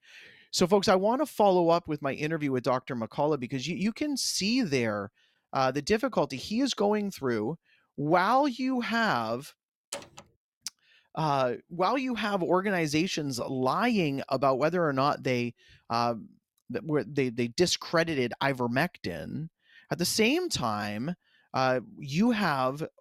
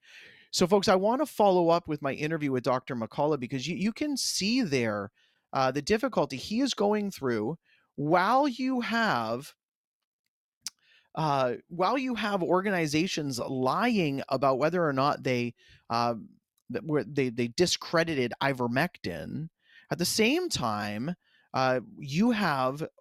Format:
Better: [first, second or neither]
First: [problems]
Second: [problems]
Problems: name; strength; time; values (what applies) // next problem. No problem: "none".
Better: second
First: door banging; faint; at 10 s; peak 15 dB below the speech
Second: none